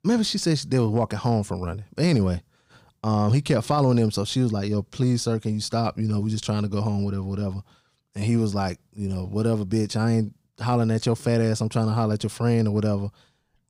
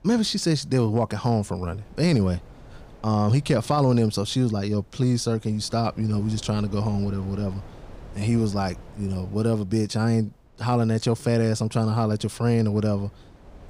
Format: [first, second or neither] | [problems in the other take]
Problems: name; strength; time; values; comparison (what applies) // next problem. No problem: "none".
first | wind noise on the microphone; occasional gusts; 25 dB below the speech